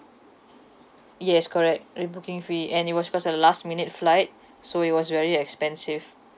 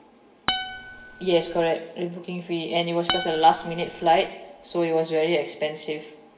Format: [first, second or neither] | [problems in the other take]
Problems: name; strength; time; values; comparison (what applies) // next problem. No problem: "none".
first | background sound (Acoustic guitar); 7 dB below the speech // room echo; dies away in 1.6 s